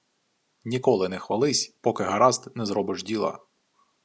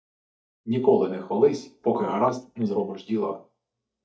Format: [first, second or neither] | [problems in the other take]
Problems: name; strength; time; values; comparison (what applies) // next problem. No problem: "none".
first | noise reduction (neural mask model DeepFilterNet 3)